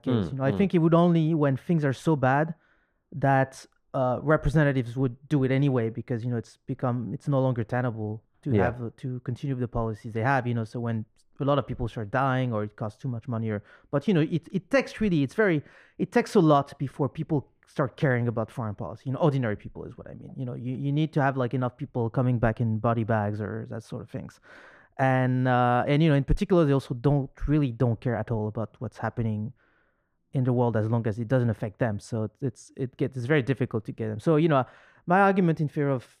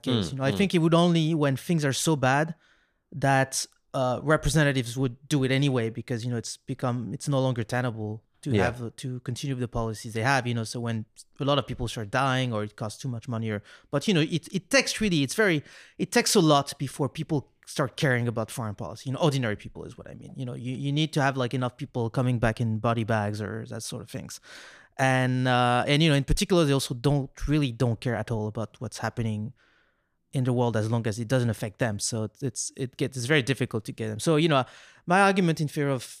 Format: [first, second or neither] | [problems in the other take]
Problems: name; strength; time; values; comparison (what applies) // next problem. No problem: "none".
second | muffled; very; fading above 2.5 kHz